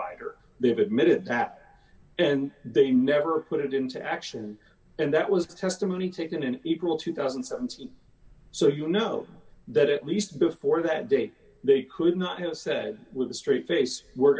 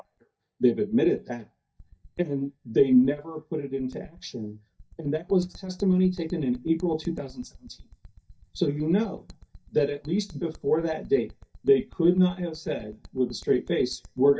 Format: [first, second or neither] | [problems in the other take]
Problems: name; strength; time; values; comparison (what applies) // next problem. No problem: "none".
first | noise reduction (neural mask model DeepFilterNet 3)